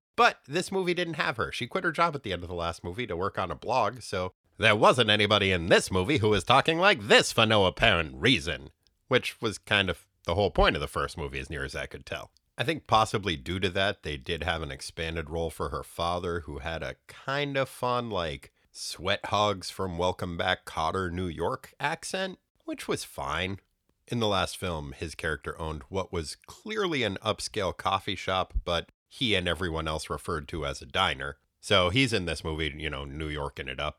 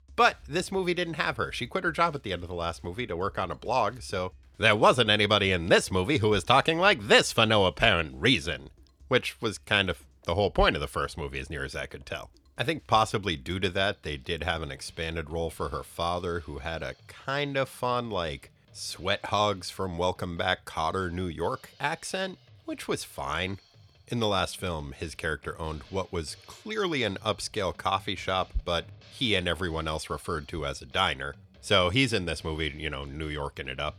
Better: first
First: none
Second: background music; faint; throughout; 30 dB below the speech

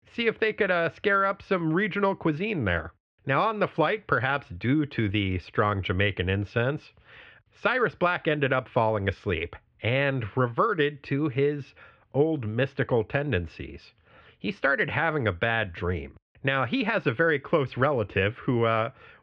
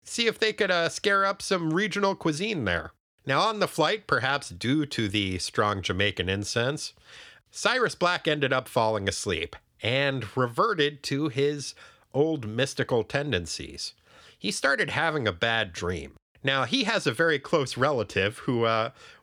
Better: second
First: muffled; very; fading above 2.5 kHz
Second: none

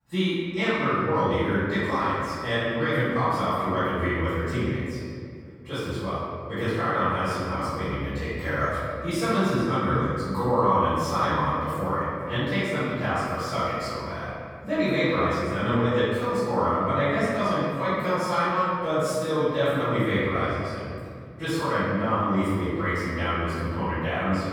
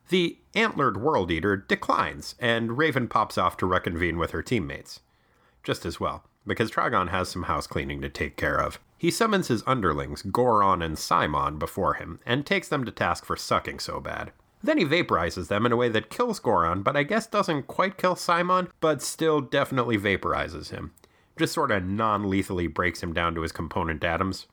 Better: second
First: off-mic speech; far // room echo; strong; dies away in 2.3 s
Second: none

